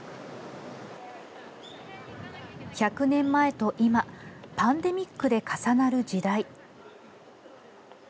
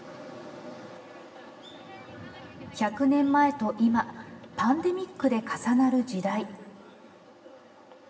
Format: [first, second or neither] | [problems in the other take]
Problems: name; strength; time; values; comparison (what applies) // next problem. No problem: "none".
first | room echo; dies away in 1.3 s